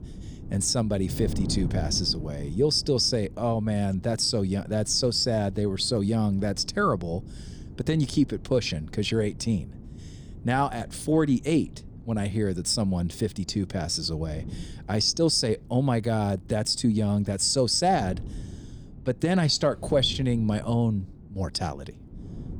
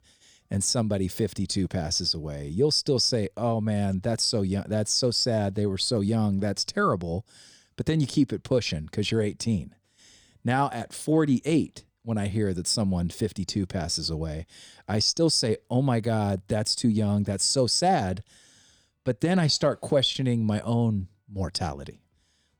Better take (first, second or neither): second